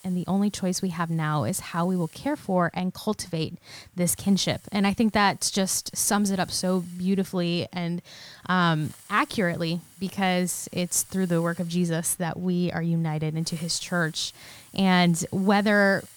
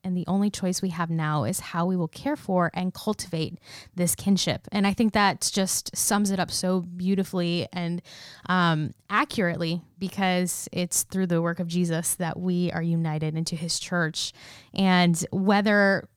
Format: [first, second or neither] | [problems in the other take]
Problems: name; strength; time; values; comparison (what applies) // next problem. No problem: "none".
second | hiss; faint; throughout; 25 dB below the speech